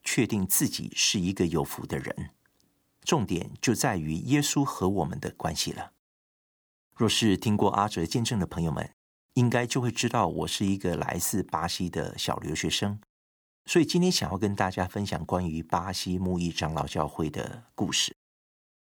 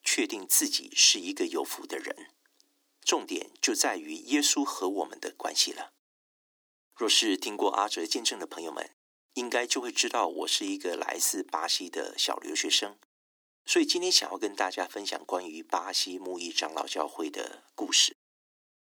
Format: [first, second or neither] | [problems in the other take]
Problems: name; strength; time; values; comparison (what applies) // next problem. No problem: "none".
first | thin; somewhat; fading below 300 Hz